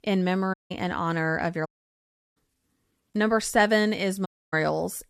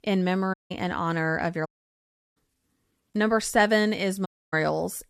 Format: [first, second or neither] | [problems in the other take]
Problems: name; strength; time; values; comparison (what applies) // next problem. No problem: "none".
neither | audio cutting out; at 0.5 s, at 1.5 s for 0.5 s and at 4.5 s; the same in both